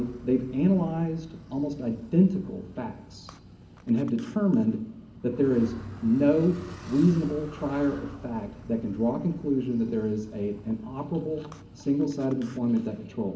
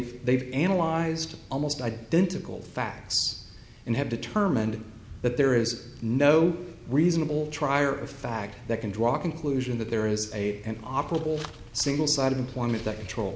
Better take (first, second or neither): second